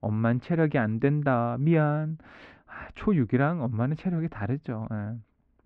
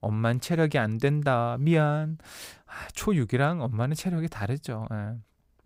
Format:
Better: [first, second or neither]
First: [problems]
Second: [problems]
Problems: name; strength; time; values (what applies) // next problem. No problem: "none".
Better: second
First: muffled; very; fading above 2.5 kHz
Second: none